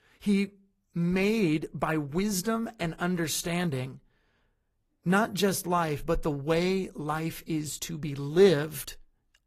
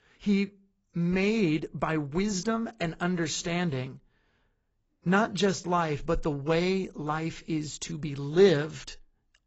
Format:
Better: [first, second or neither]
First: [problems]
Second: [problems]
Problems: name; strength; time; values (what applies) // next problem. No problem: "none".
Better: first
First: garbled, watery; slightly; nothing above 14.5 kHz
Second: garbled, watery; badly; nothing above 7.5 kHz